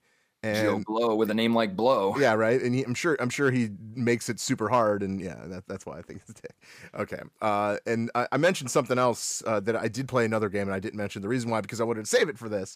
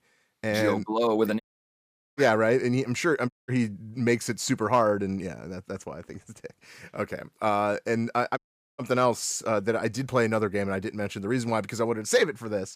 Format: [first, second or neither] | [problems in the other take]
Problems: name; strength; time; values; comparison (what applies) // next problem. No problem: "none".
first | audio cutting out; at 1.5 s for 1 s, at 3.5 s and at 8.5 s